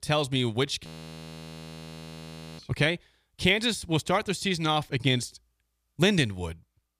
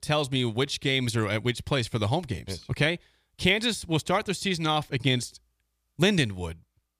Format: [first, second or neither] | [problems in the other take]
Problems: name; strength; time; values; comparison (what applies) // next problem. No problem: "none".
second | audio freezing; at 1 s for 1.5 s